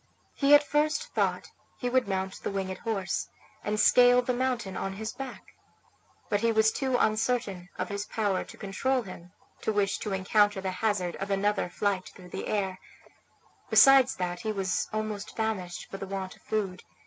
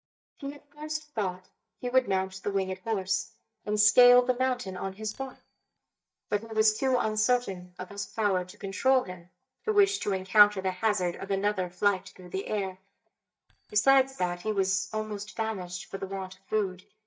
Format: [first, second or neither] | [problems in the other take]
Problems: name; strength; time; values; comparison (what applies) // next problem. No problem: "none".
first | noise reduction (neural mask model DeepFilterNet 3)